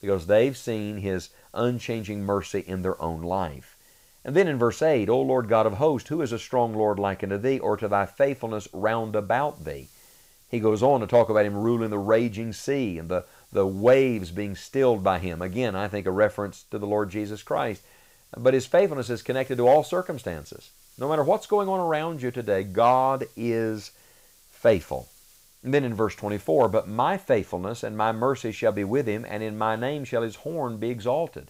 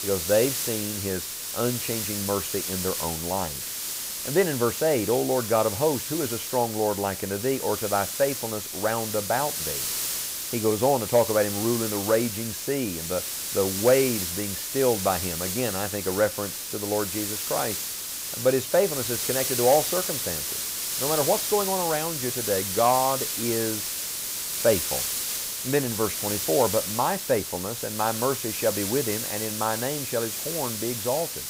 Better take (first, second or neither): first